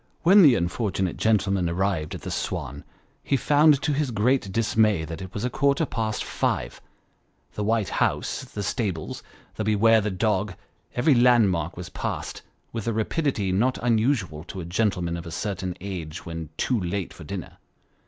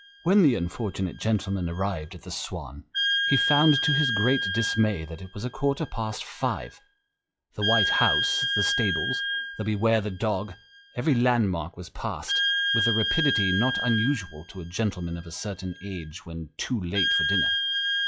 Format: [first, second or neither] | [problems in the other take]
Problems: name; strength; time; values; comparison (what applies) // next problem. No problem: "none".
first | noise reduction (classical method log-MMSE)